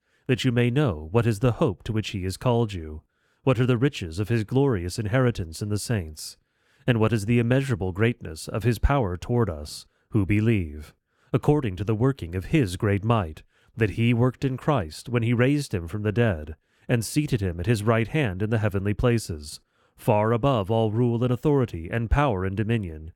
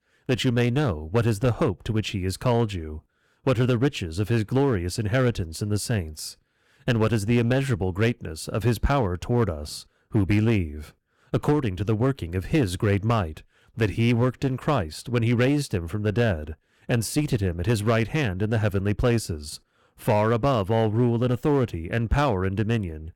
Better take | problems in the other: first | distortion; slight; 7% of the sound clipped

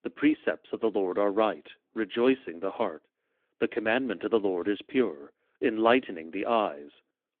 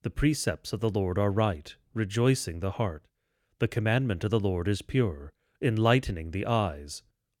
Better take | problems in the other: second | phone-call audio

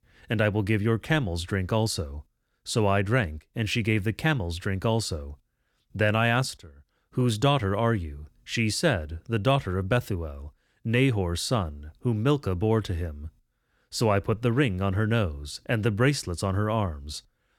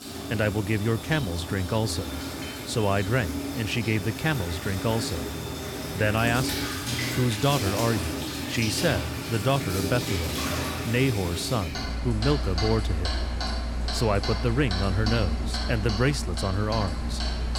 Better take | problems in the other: first | household noises; loud; throughout; 3 dB below the speech

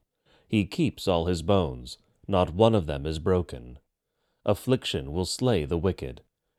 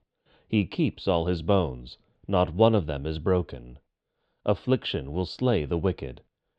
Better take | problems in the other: first | muffled; very slightly; fading above 4 kHz

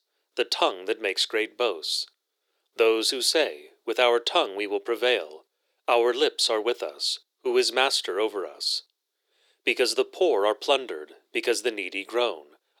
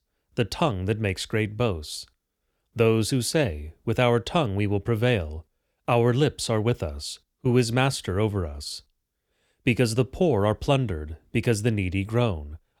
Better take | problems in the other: second | thin; very; fading below 350 Hz

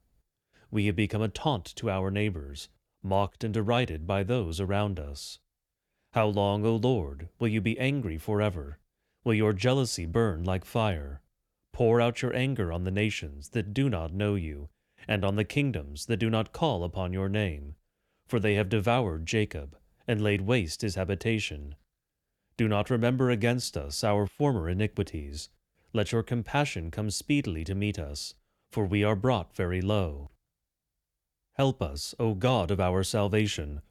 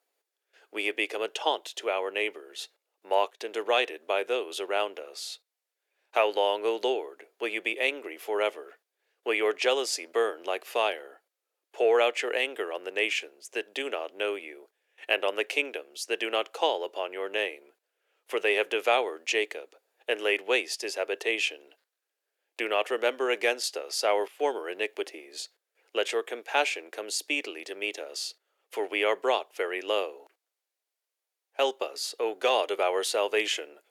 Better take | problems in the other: first | thin; very; fading below 400 Hz

